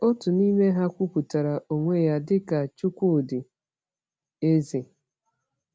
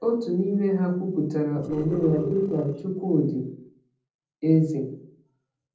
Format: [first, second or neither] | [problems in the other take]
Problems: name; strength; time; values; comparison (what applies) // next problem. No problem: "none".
first | noise reduction (neural separator model SepFormer DNS4)